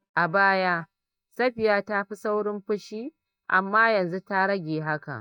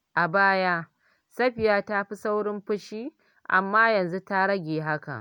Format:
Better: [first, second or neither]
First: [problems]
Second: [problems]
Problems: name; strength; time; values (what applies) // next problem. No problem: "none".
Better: second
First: noise reduction (neural mask model DeepFilterNet 3)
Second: none